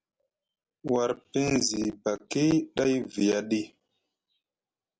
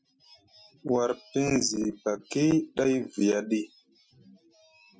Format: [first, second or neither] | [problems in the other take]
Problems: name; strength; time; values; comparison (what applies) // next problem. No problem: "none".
first | noise reduction (classical method Wiener filter)